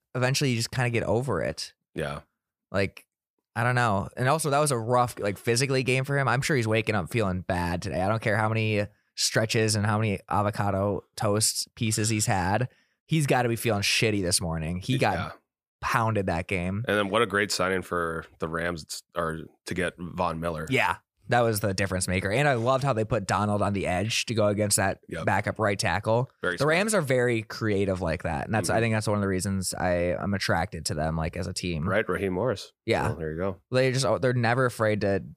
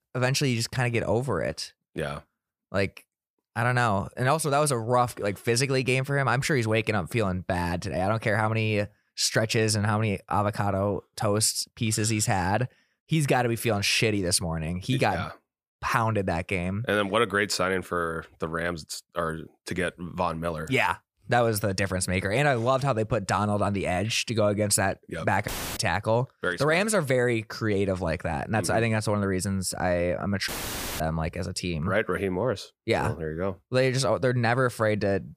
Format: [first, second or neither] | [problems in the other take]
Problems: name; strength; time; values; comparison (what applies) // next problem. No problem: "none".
first | audio cutting out; filled with static; at 25 s and at 30 s for 0.5 s